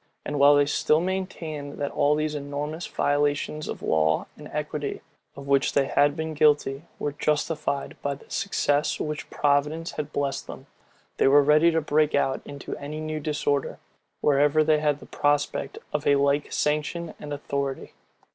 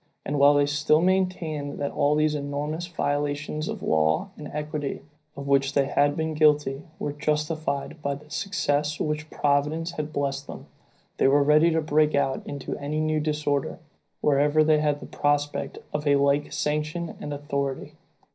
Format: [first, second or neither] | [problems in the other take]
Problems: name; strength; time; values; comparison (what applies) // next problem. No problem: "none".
first | room echo; dies away in 0.5 s